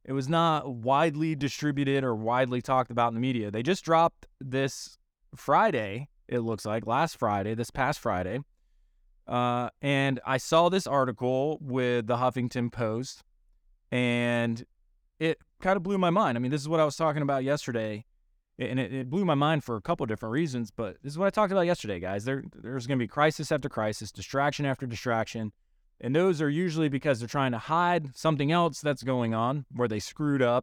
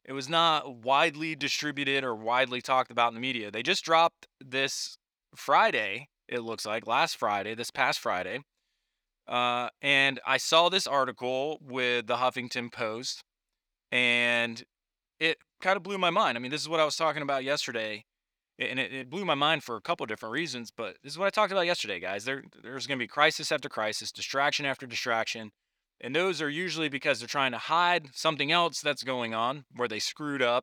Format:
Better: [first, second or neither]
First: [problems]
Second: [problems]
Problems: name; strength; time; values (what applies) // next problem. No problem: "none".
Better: first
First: none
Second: thin; somewhat; fading below 750 Hz